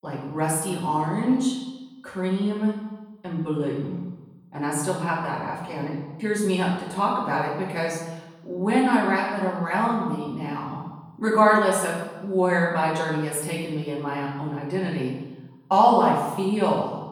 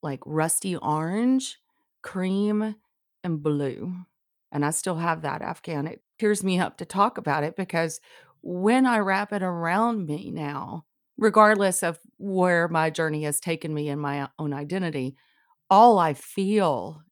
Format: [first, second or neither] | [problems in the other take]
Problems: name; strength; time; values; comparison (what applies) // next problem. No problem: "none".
second | off-mic speech; far // room echo; noticeable; dies away in 1 s